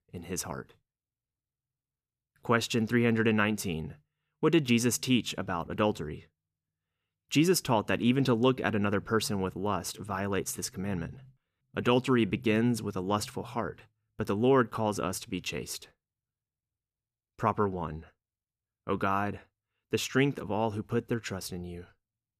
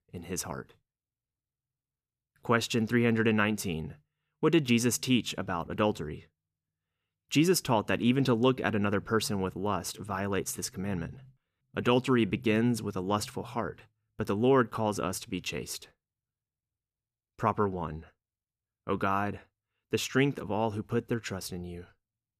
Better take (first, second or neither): neither